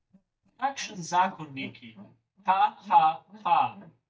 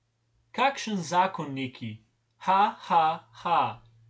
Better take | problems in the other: second | noise reduction (neural mask model DeepFilterNet 3)

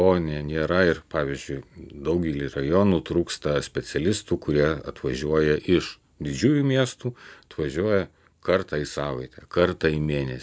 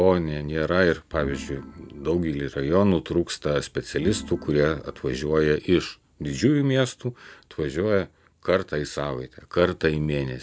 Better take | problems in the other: first | background sound (Organ); 15 dB below the speech

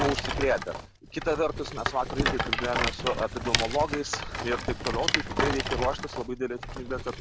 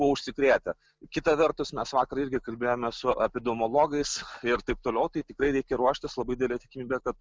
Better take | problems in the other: second | background sound (Rattle); 1 dB below the speech

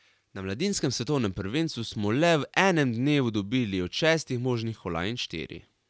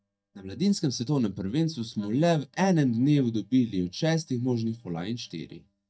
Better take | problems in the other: first | noise reduction (neural mask model DeepFilterNet 3)

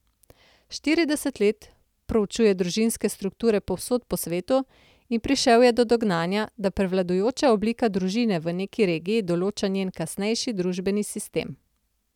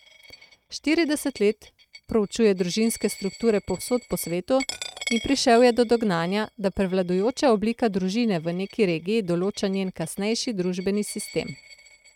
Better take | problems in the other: first | noise reduction (neural mask model RNNoise)

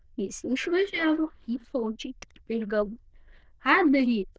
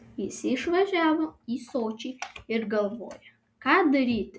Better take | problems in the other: second | noise reduction (neural diffusion model UNIVERSE++)

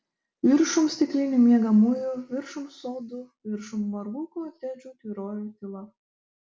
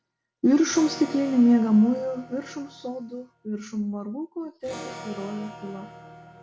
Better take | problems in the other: first | background sound (Electric guitar / Acoustic guitar); 17 dB below the speech

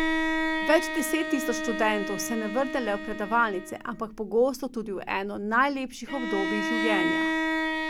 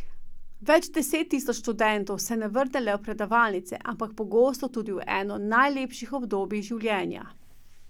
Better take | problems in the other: second | background sound (Bowed string instrument); 2 dB below the speech

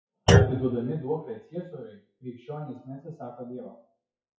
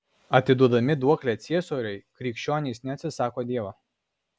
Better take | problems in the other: second | noise reduction (classical method WPE with log-MMSE)

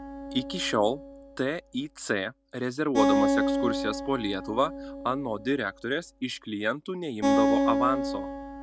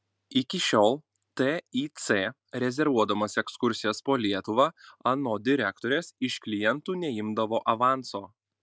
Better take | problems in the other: second | background sound (Acoustic guitar); as loud as the speech

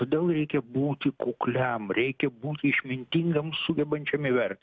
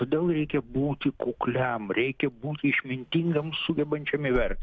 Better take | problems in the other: first | background sound (Wind / Car); 13 dB below the speech

